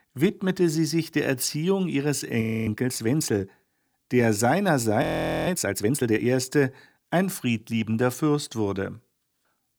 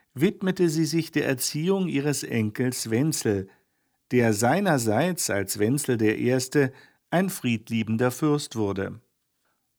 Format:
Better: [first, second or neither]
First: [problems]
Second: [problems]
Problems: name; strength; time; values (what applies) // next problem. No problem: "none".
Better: second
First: audio freezing; at 2.5 s and at 5 s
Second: none